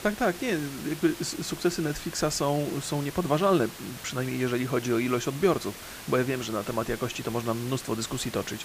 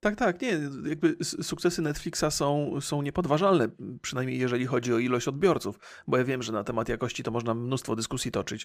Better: second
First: hiss; noticeable; throughout; 10 dB below the speech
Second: none

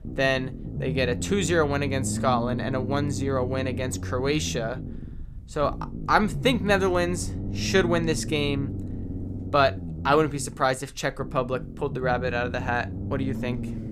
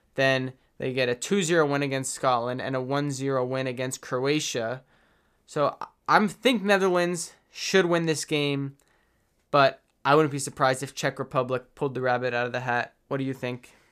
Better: second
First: low rumble; noticeable; throughout; 15 dB below the speech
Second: none

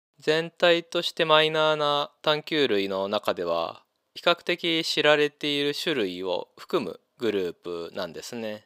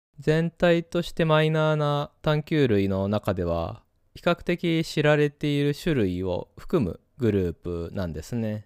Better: second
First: thin; somewhat; fading below 350 Hz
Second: none

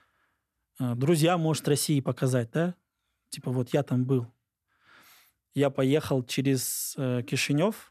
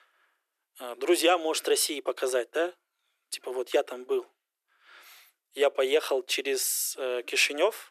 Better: first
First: none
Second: thin; very; fading below 350 Hz

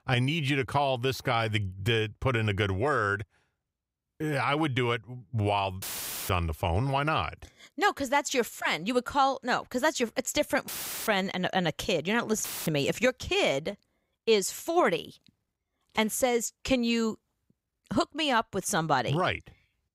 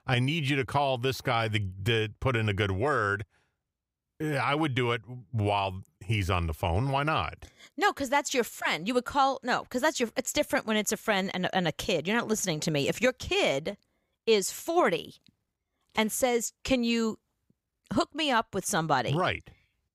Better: second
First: audio cutting out; filled with static; at 6 s, at 11 s and at 12 s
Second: none

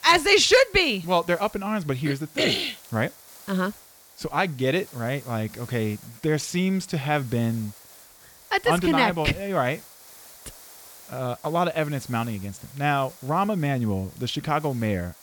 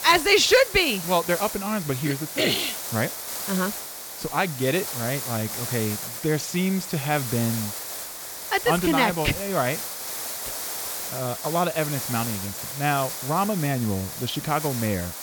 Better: first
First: hiss; faint; throughout; 20 dB below the speech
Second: hiss; loud; throughout; 6 dB below the speech

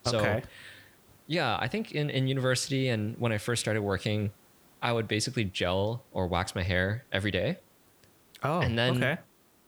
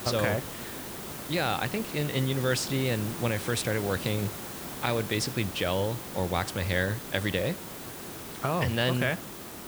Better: first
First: hiss; faint; throughout; 30 dB below the speech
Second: hiss; loud; throughout; 8 dB below the speech

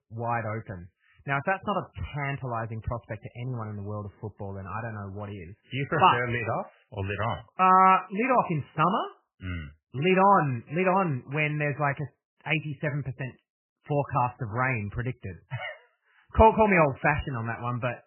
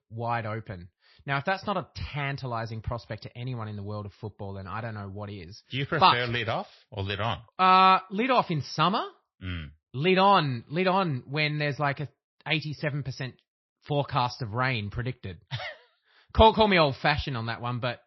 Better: second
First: garbled, watery; badly; nothing above 3 kHz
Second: garbled, watery; slightly; nothing above 5.5 kHz

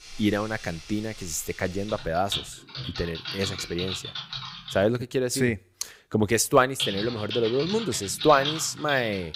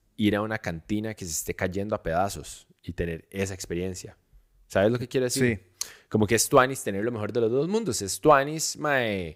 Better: second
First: household noises; loud; throughout; 8 dB below the speech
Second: none

